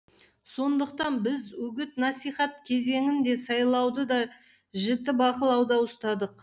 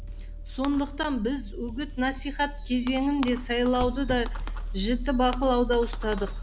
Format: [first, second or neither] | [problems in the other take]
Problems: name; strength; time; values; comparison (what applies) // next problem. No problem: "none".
first | background sound (Fireworks); 6 dB below the speech